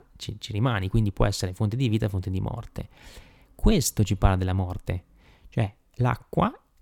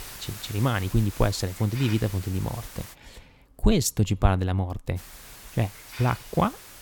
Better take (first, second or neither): first